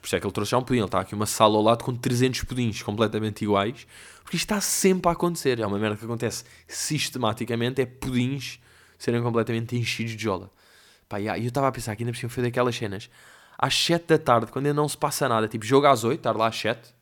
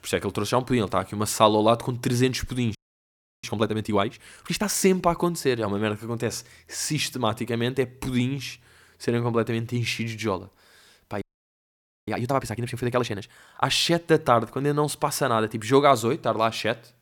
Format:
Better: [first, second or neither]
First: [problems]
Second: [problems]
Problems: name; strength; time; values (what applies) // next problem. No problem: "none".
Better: first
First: none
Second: audio freezing; at 3 s for 0.5 s and at 11 s for 1 s